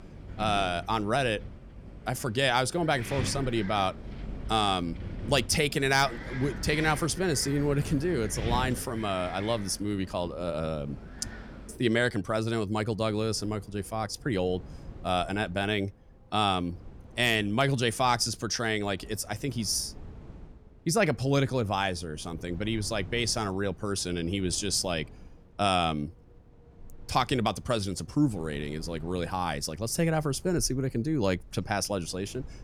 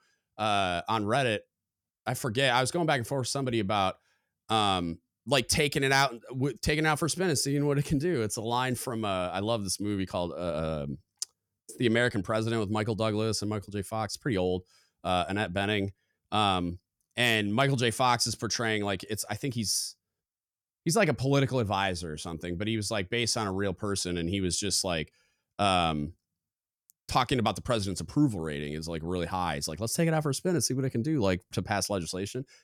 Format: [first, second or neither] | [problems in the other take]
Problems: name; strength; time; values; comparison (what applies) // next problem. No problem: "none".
second | wind in the background; noticeable; throughout; 15 dB below the speech